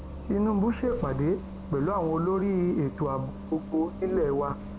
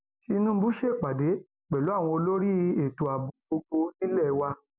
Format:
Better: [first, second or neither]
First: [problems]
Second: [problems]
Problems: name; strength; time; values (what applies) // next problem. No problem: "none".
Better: second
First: background sound (Bus); 10 dB below the speech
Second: none